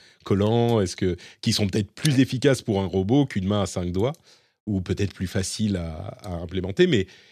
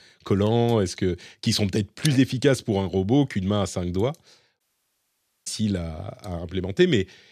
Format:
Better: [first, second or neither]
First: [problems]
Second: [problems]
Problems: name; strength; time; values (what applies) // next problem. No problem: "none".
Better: first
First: none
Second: audio cutting out; at 4.5 s for 1 s